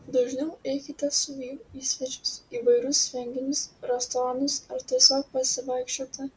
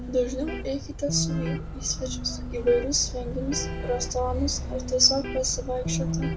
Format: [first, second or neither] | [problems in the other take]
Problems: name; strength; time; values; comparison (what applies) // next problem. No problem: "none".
first | background sound (Motor vehicle (road) + Electric guitar); 3 dB below the speech